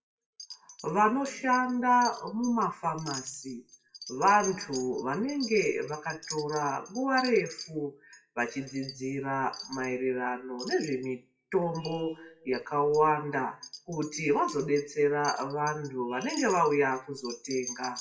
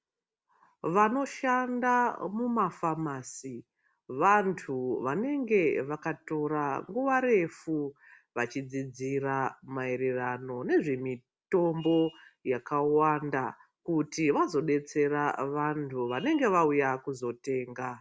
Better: second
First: noise reduction (classical method WPE with log-MMSE)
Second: none

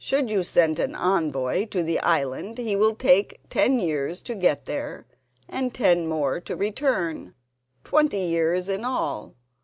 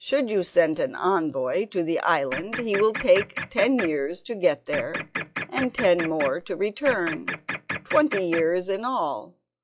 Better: first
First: none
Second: noise reduction (classical method log-MMSE)

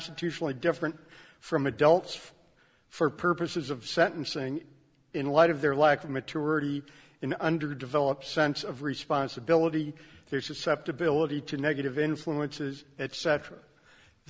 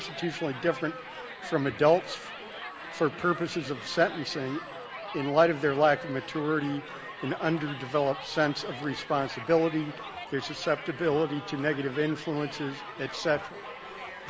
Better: first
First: none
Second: background sound (Crowd); 12 dB below the speech

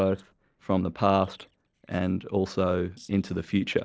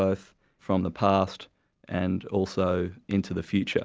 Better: second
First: noise reduction (neural separator model SepFormer DNS4)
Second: none

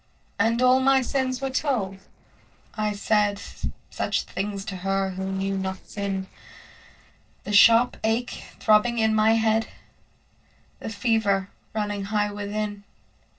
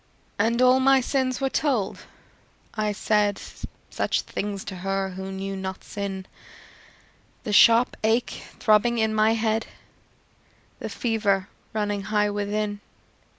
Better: second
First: noise reduction (neural separator model SepFormer DNS4)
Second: none

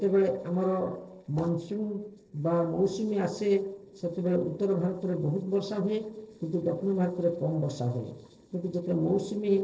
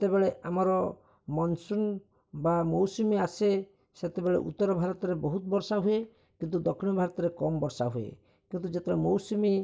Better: second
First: noise reduction (neural separator model SepFormer DNS4)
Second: none

